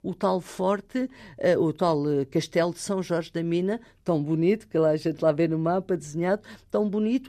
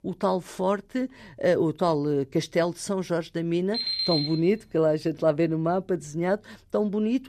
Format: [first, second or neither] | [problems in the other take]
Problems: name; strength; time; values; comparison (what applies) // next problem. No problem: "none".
first | alarm; loud; at 3.5 s; peak 2 dB above the speech